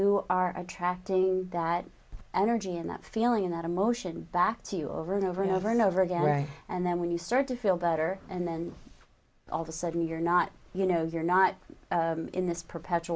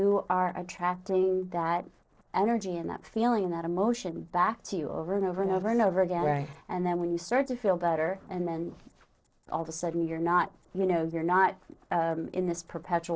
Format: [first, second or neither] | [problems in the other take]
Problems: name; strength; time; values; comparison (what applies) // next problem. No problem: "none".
first | noise reduction (neural separator model SepFormer DNS4)